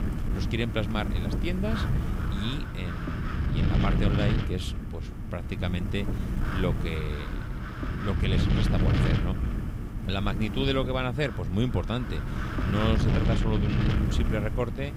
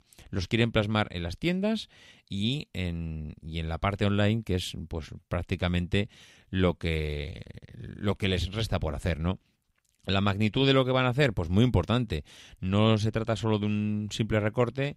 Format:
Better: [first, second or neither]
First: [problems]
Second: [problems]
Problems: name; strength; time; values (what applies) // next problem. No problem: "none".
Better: second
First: wind noise on the microphone; heavy; 3 dB below the speech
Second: none